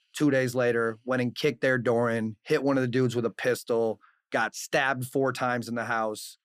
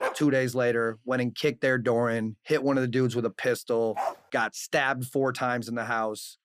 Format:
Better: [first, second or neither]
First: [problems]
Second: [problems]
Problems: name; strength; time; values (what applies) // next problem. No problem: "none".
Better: first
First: none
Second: dog barking; noticeable; at the start and at 4 s; peak 5 dB below the speech